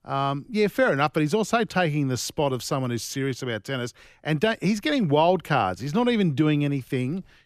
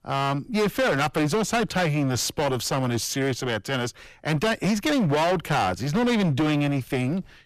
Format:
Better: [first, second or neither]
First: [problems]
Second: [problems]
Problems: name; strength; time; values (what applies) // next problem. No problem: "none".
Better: first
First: none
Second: distortion; heavy; 23% of the sound clipped